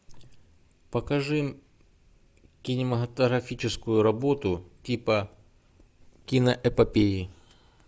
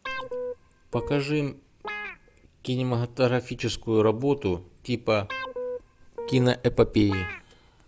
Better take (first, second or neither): first